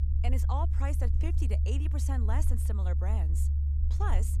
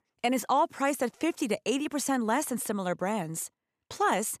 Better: second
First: low rumble; loud; throughout; 6 dB below the speech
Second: none

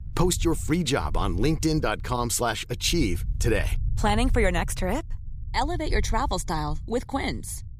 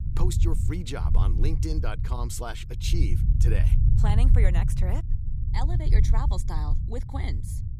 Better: first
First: low rumble; faint; throughout; 25 dB below the speech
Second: low rumble; loud; throughout; 5 dB below the speech

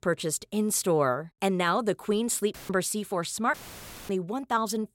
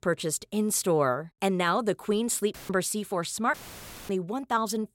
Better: neither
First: audio cutting out; filled with static; at 2.5 s and at 3.5 s for 0.5 s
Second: audio cutting out; filled with static; at 2.5 s and at 3.5 s for 0.5 s

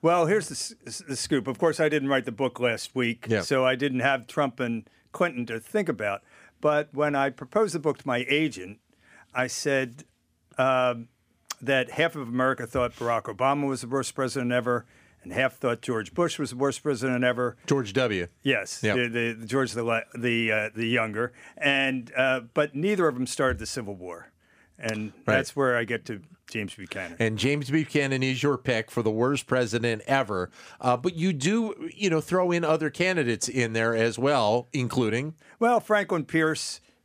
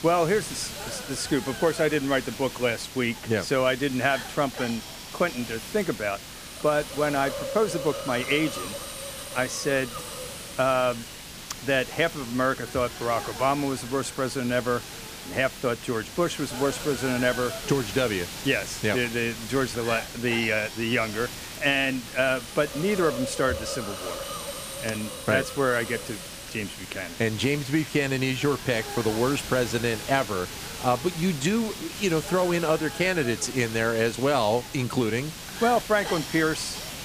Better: first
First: none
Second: hiss; loud; throughout; 9 dB below the speech

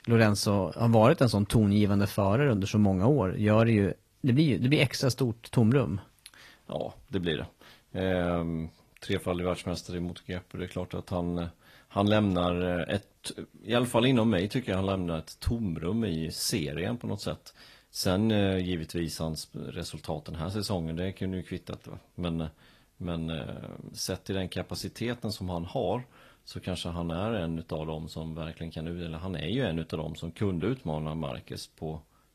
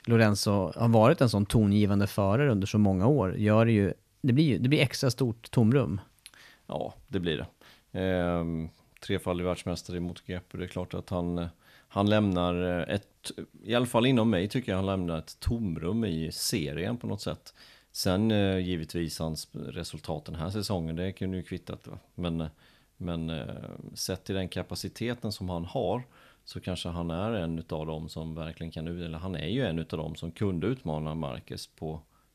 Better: second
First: garbled, watery; slightly; nothing above 14.5 kHz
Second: none

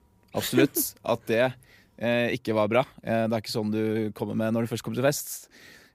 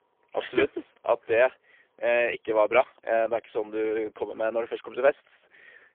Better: first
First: none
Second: phone-call audio; poor line; nothing above 3.5 kHz

